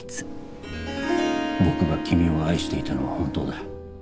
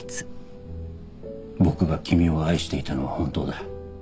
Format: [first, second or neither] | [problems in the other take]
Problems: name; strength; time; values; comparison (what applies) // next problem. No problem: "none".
second | background sound (Harp); 3 dB below the speech